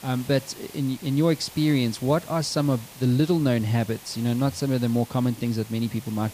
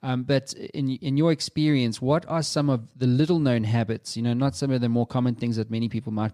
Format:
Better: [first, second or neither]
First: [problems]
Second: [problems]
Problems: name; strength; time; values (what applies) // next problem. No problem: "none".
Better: second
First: hiss; noticeable; throughout; 20 dB below the speech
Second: none